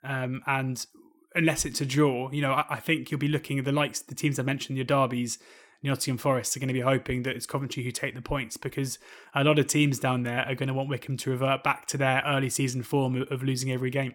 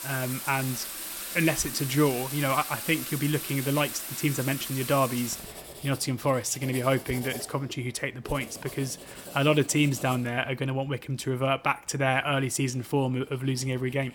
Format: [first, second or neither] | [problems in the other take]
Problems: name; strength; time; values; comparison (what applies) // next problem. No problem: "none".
first | household noises; loud; throughout; 8 dB below the speech